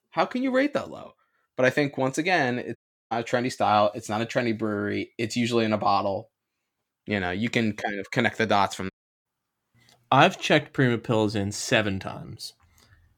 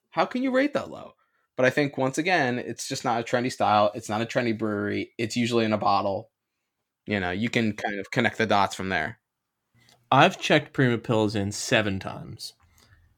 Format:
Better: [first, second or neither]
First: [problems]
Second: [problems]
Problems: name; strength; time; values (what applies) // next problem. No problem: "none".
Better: second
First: audio cutting out; at 3 s and at 9 s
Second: none